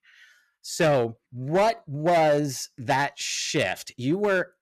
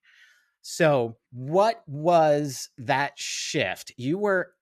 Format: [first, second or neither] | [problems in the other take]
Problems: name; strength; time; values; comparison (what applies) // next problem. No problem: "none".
second | distortion; slight; 7% of the sound clipped